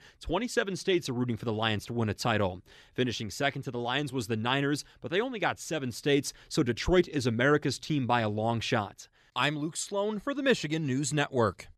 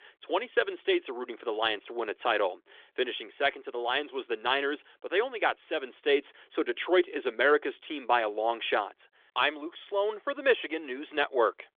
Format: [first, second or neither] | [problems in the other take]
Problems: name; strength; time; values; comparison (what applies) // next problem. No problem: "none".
first | phone-call audio; nothing above 3.5 kHz